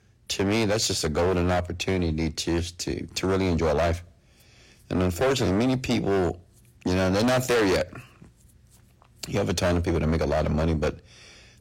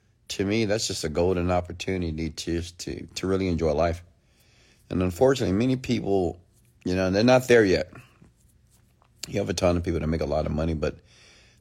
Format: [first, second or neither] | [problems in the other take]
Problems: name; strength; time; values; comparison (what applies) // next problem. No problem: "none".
second | distortion; heavy; 14% of the sound clipped